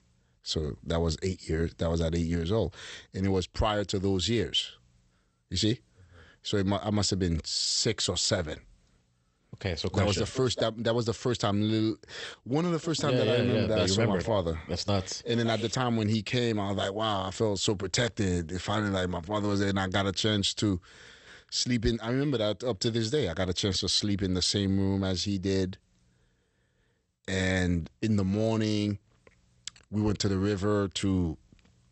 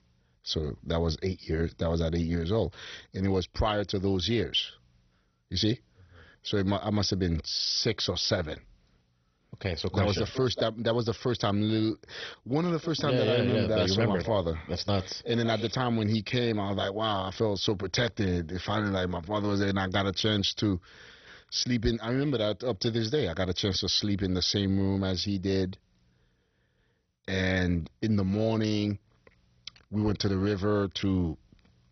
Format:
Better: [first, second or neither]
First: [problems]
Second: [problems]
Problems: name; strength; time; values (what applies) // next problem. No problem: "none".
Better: first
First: garbled, watery; slightly; nothing above 8 kHz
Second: garbled, watery; badly; nothing above 6 kHz